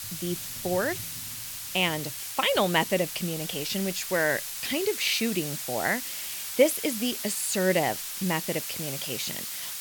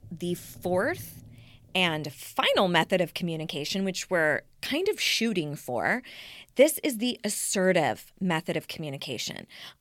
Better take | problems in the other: second | hiss; loud; throughout; 5 dB below the speech

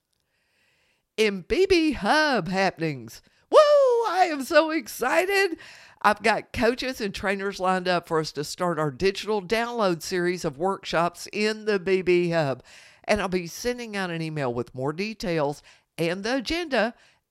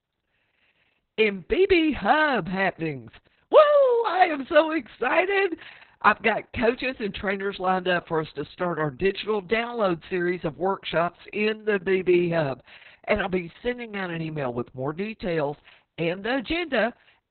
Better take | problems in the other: first | garbled, watery; badly; nothing above 4 kHz

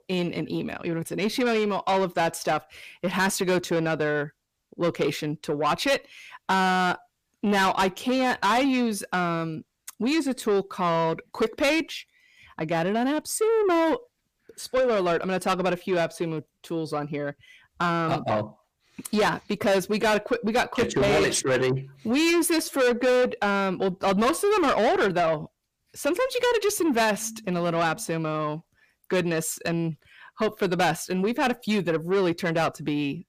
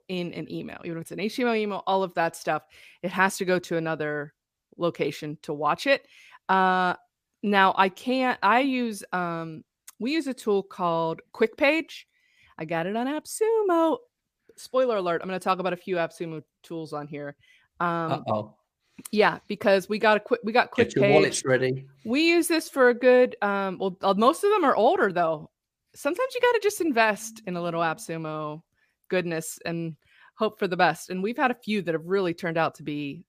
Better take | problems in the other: second | distortion; heavy; 7 dB below the speech

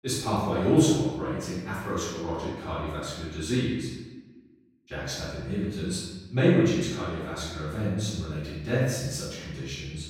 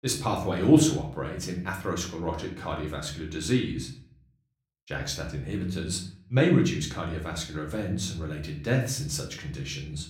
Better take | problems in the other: second | room echo; strong; dies away in 1 s; slight in the second // off-mic speech; far; somewhat distant in the second

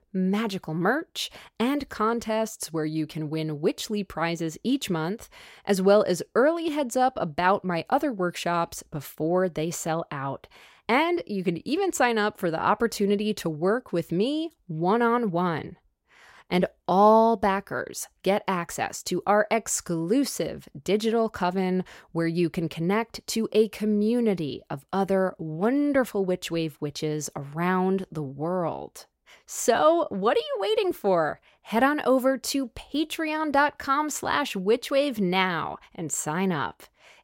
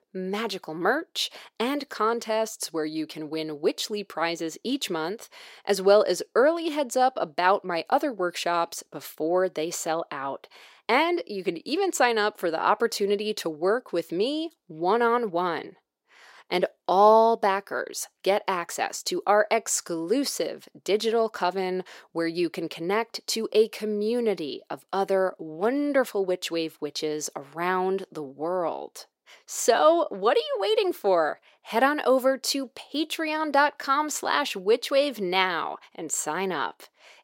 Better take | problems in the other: first | thin; very slightly; fading below 400 Hz

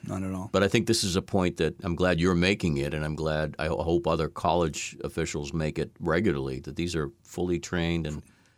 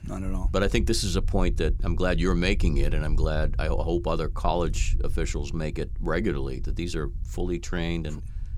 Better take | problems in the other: first | low rumble; faint; throughout; 20 dB below the speech

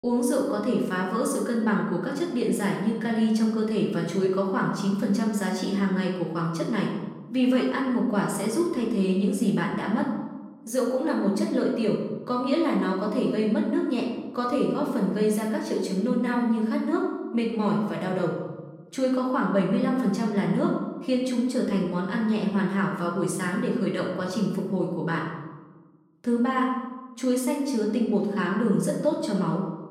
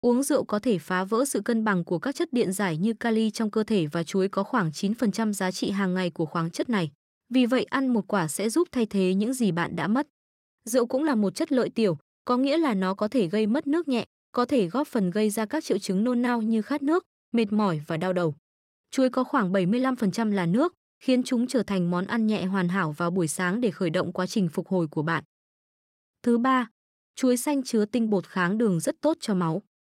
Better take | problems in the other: second | room echo; noticeable; dies away in 1 s // off-mic speech; far

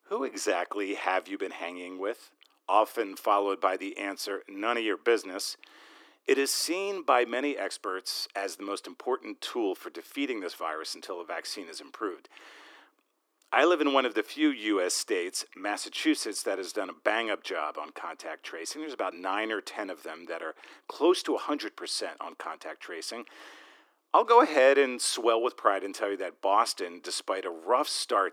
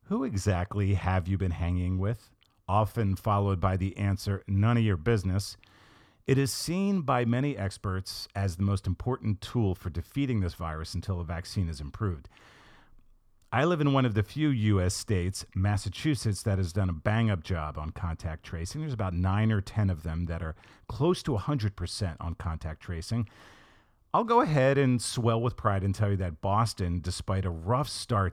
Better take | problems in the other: second | thin; very; fading below 300 Hz

